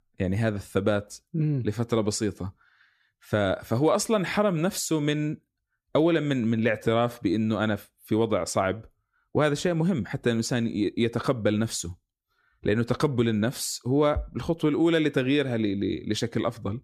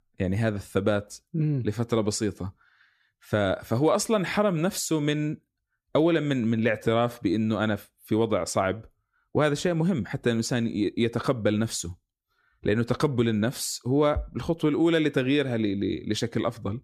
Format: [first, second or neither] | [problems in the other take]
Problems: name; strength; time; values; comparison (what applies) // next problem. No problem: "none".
neither | none